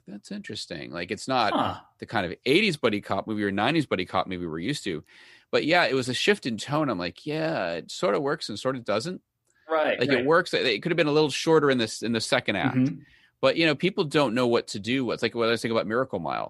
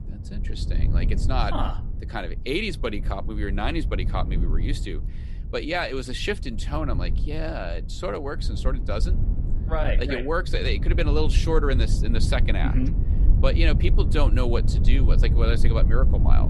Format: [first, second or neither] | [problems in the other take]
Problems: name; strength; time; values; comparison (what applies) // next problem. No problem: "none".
first | low rumble; noticeable; throughout; 10 dB below the speech